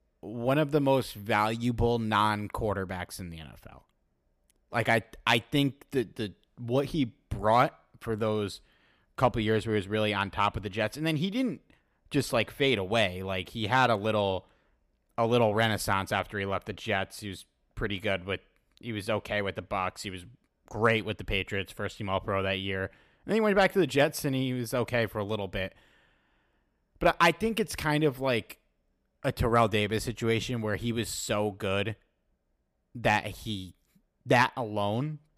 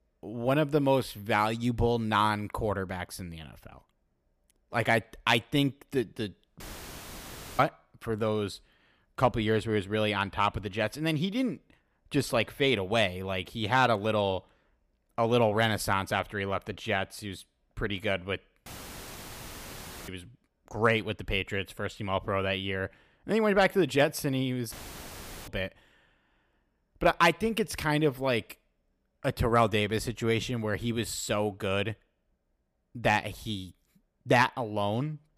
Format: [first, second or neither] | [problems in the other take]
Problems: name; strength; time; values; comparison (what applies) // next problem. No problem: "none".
first | audio cutting out; filled with static; at 6.5 s for 1 s, at 19 s for 1.5 s and at 25 s for 1 s